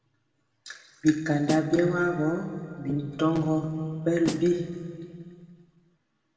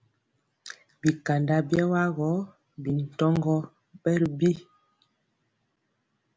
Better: second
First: background sound (Snare drum); 7 dB below the speech // room echo; dies away in 2.1 s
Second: none

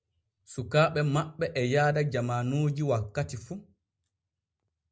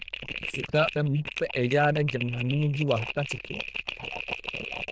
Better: first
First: none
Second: noise reduction (neural diffusion model UNIVERSE++)

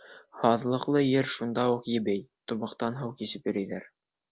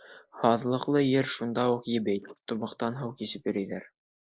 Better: first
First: none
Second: noise reduction (neural mask model Resemble Enhance denoiser)

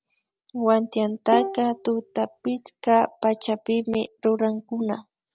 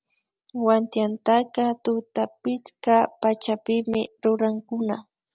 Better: second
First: background sound (Bowed string instrument); 7 dB below the speech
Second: none

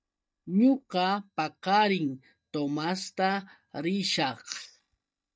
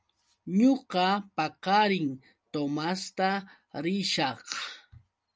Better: second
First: noise reduction (neural mask model DeepFilterNet 3)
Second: none

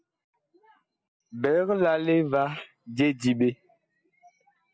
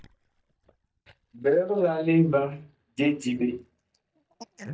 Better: first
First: none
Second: noise reduction (neural mask model DeepFilterNet 3)

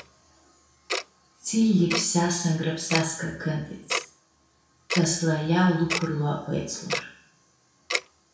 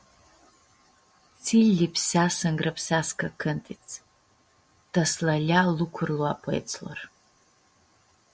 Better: second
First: background sound (Tick-tock); 9 dB below the speech // room echo; dies away in 0.6 s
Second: none

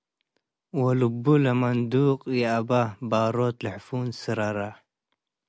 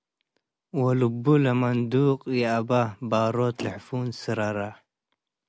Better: first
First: none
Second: background sound (Motor vehicle (road)); 17 dB below the speech

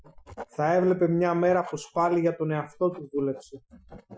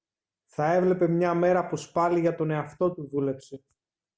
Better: second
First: noise reduction (classical method Wiener filter)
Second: none

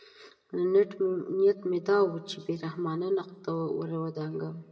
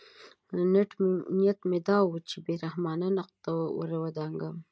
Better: second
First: room echo; dies away in 0.9 s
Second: none

